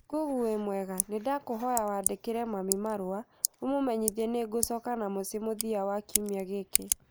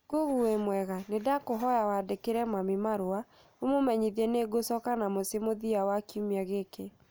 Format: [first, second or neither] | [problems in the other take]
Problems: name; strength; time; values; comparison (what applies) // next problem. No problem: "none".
second | noise reduction (neural mask model Resemble Enhance denoiser)